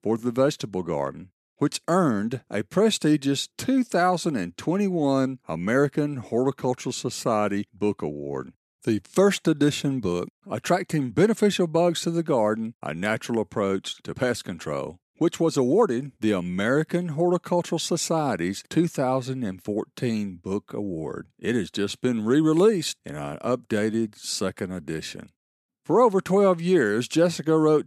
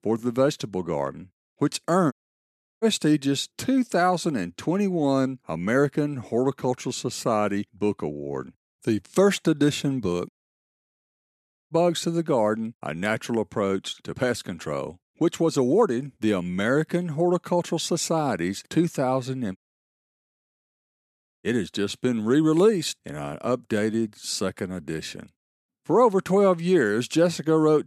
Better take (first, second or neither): first